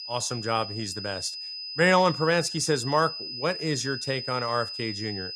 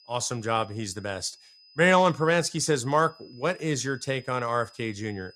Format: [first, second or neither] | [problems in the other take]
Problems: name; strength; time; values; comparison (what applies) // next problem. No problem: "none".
second | high-pitched whine; loud; throughout; 5 kHz, 7 dB below the speech; faint in the second